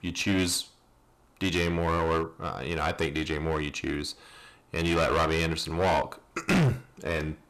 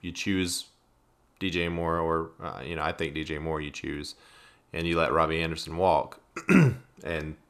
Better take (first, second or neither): second